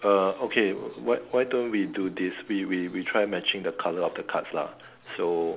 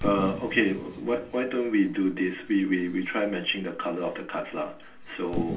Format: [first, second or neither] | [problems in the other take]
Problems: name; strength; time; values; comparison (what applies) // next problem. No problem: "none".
first | background sound (Fireworks); 11 dB below the speech // room echo; dies away in 0.2 s